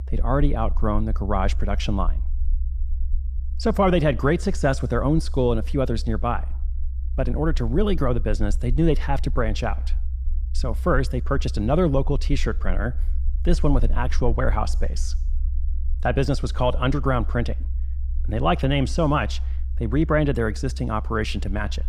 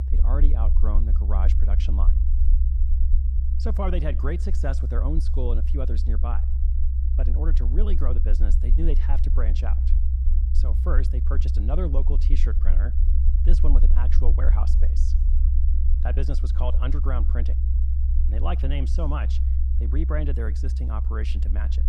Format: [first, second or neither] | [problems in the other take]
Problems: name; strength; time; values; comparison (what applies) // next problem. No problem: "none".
first | low rumble; loud; throughout; 7 dB below the speech; faint in the first